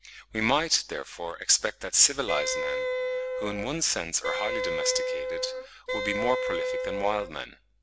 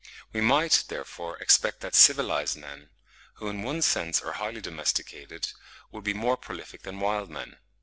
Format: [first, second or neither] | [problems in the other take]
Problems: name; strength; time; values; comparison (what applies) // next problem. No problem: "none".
second | background sound (Wind instrument, woodwind instrument); 1 dB below the speech